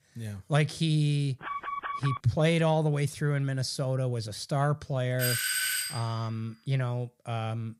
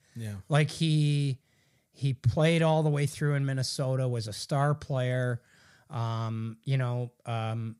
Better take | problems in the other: second | alarm; noticeable; at 1.5 s; peak 5 dB below the speech // doorbell; loud; at 5 s; peak 3 dB above the speech

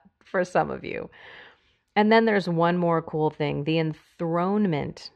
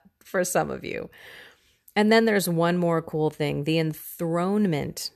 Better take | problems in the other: second | muffled; slightly; fading above 4 kHz

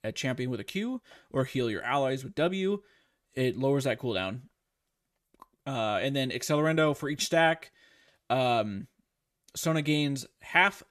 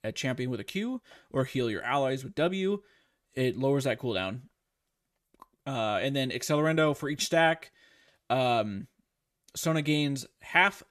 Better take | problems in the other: neither | none

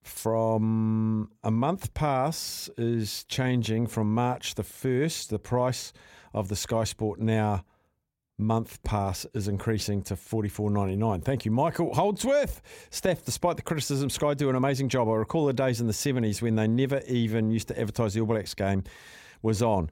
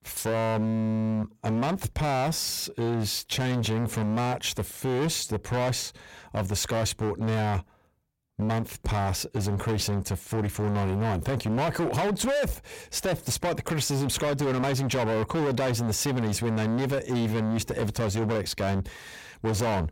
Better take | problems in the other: first | distortion; heavy; 27% of the sound clipped

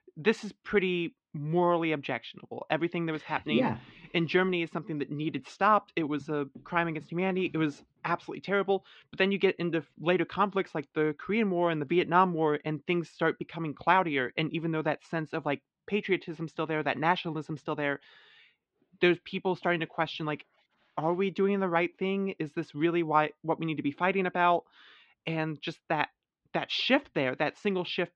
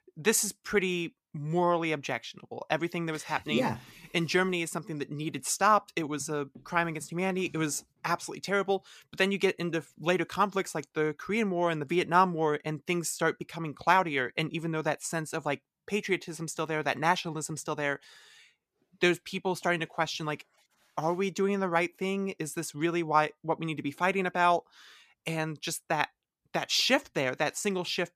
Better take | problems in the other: second | muffled; slightly; fading above 3.5 kHz

